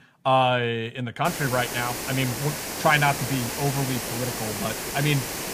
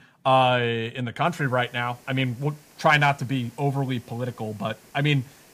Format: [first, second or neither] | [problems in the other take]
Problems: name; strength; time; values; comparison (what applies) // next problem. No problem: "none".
second | hiss; loud; from 1.5 s on; 4 dB below the speech; faint in the second